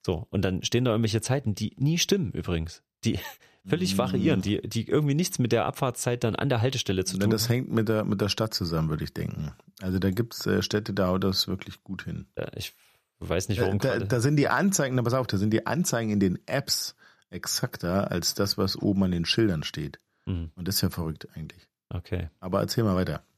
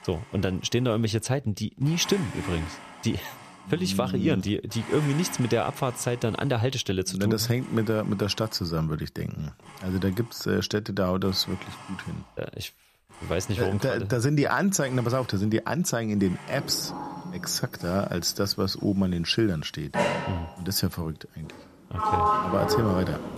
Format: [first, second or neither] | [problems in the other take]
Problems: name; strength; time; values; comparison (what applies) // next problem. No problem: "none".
first | household noises; loud; throughout; 6 dB below the speech